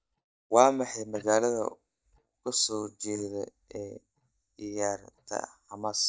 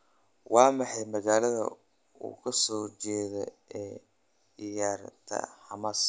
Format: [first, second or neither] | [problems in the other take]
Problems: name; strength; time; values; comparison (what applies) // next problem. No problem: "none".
second | noise reduction (neural mask model DeepFilterNet 3)